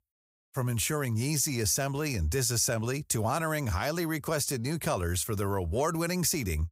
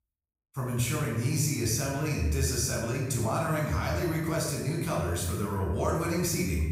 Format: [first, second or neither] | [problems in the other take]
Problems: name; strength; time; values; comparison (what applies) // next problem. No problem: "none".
first | room echo; noticeable; dies away in 1.2 s // off-mic speech; far